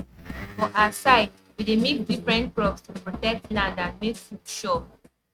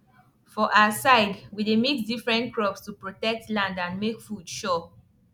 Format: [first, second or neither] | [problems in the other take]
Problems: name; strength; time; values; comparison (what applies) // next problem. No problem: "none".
second | noise reduction (neural mask model RNNoise)